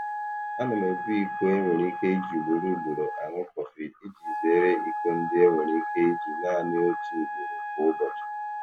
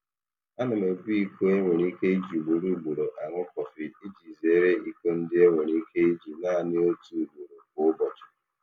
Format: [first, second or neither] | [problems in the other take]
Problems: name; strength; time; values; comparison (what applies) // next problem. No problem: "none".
second | background sound (Wind instrument, woodwind instrument); 6 dB below the speech